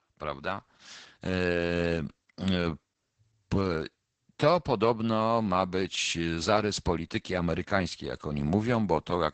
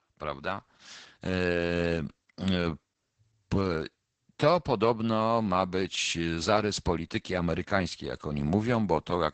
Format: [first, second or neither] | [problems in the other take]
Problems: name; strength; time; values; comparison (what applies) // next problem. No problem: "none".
neither | garbled, watery; badly; nothing above 8 kHz; the same in both